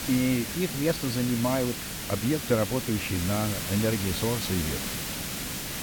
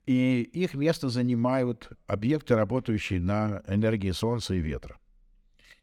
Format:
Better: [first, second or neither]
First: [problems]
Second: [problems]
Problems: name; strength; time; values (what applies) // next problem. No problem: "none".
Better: second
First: hiss; loud; throughout; 3 dB below the speech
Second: none